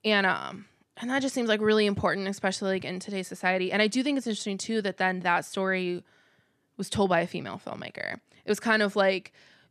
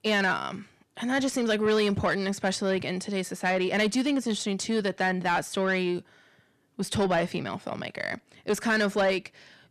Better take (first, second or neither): first